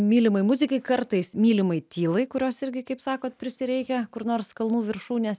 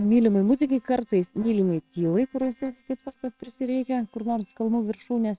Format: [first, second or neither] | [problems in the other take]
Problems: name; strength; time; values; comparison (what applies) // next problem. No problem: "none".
first | noise reduction (neural separator model SepFormer WHAMR!)